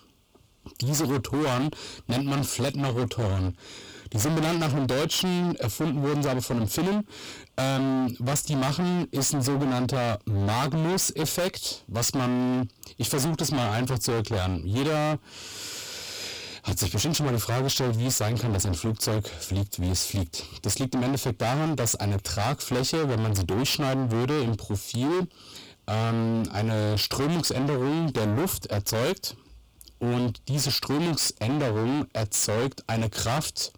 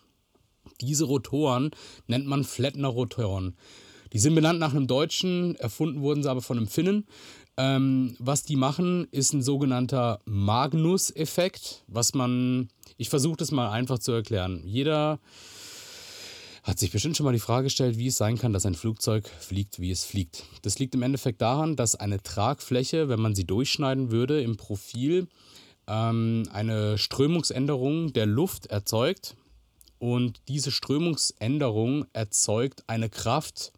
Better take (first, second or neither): second